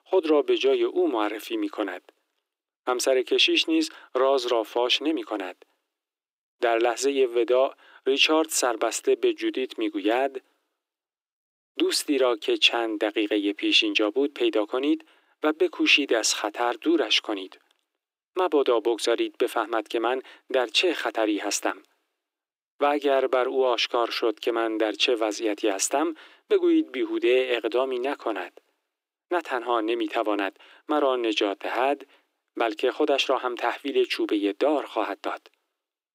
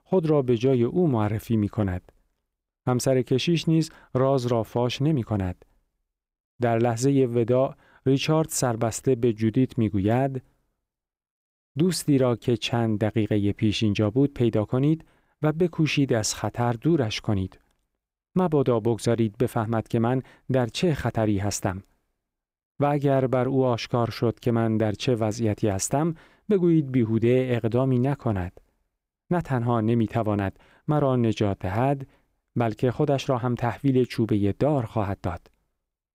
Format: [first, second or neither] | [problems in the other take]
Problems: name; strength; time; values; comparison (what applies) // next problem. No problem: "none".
second | thin; very; fading below 300 Hz